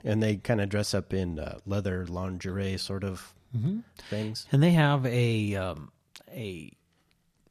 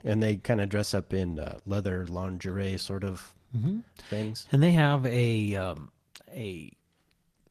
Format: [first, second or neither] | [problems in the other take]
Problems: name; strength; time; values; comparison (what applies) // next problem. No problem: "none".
first | garbled, watery; slightly; nothing above 14 kHz